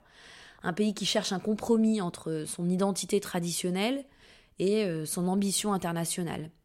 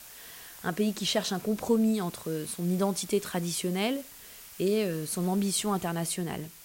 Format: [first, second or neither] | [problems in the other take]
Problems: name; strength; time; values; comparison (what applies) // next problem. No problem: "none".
first | hiss; noticeable; throughout; 15 dB below the speech